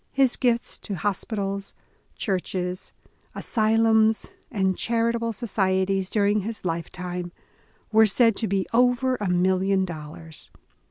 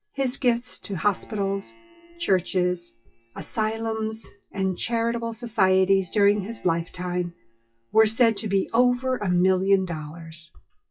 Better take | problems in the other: first | noise reduction (classical method WPE with log-MMSE)

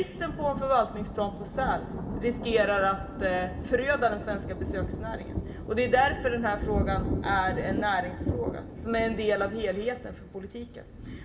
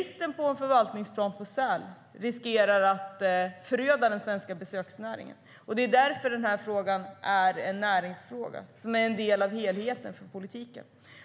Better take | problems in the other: second | background sound (Thunder); 5 dB below the speech // room echo; dies away in 0.2 s

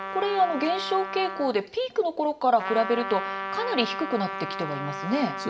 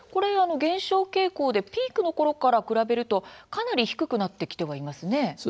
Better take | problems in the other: second | background sound (Trumpet); 7 dB below the speech // room echo; dies away in 0.4 s

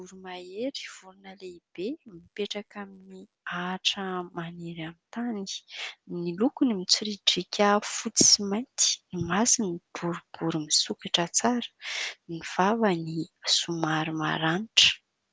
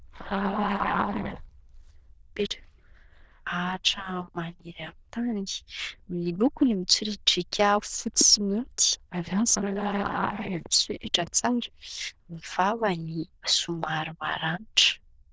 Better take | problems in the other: first | noise reduction (neural diffusion model UNIVERSE++)

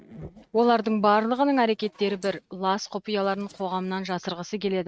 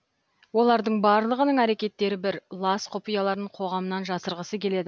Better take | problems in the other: second | noise reduction (neural mask model RNNoise)

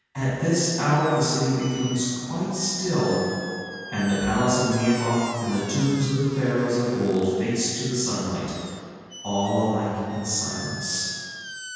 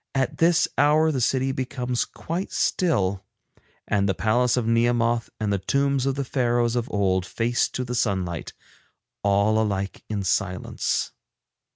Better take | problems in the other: second | background sound (Squeak); 16 dB below the speech // room echo; dies away in 2.1 s

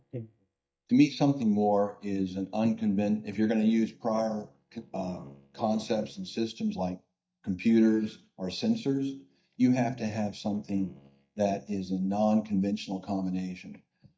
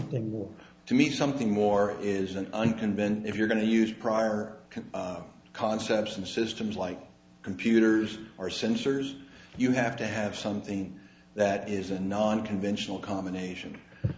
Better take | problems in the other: second | noise reduction (neural mask model DeepFilterNet 3)

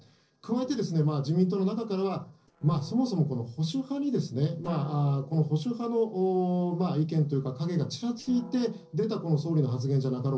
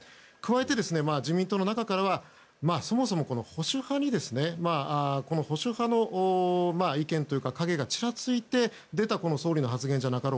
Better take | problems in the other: second | noise reduction (neural separator model SepFormer DNS4)

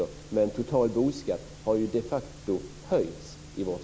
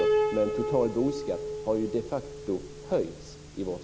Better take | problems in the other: first | background sound (Piano); 2 dB below the speech

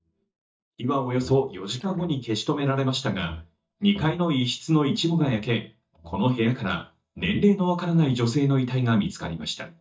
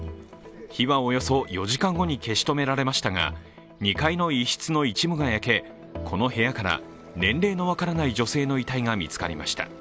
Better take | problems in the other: second | noise reduction (neural mask model DeepFilterNet 3)

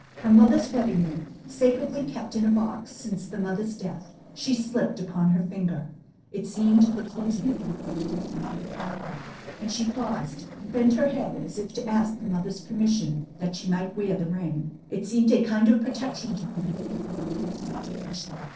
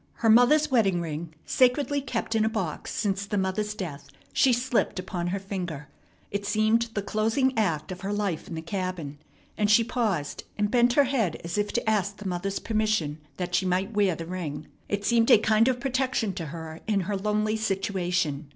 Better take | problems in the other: second | noise reduction (neural separator model SepFormer DNS4)

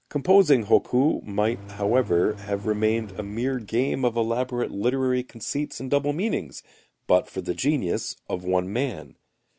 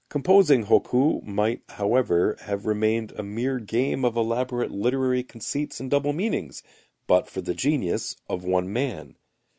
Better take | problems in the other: second | background sound (Engine); 17 dB below the speech

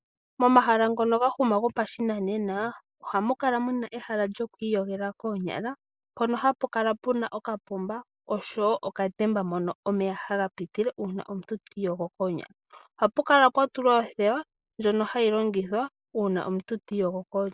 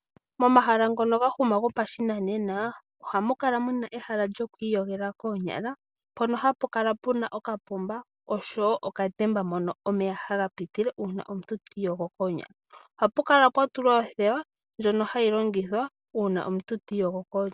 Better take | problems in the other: second | noise reduction (neural mask model Resemble Enhance denoiser)

